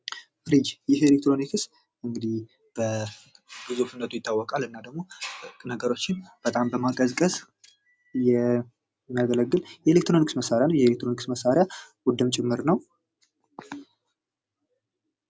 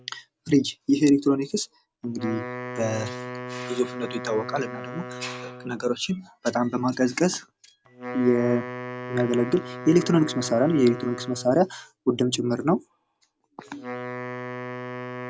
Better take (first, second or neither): first